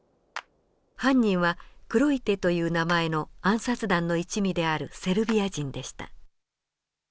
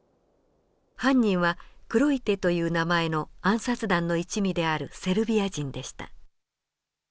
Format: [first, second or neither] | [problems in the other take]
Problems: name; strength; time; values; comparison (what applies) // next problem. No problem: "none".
second | background sound (Clapping); 20 dB below the speech